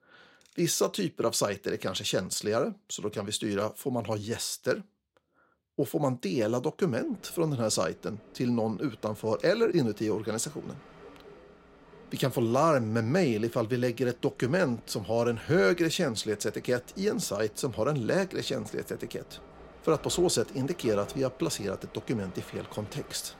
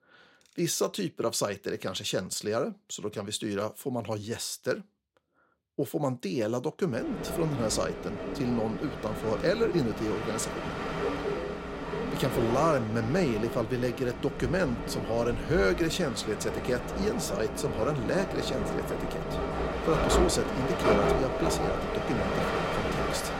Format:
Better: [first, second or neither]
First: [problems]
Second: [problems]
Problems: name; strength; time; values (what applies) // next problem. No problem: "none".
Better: first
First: train or aircraft noise; faint; from 7 s on; 20 dB below the speech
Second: train or aircraft noise; loud; from 7 s on; 2 dB below the speech